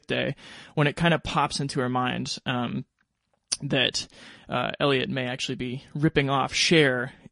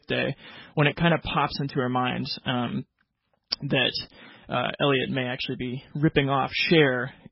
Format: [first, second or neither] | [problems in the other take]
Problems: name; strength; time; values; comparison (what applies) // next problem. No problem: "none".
first | garbled, watery; badly; nothing above 5.5 kHz; slightly in the first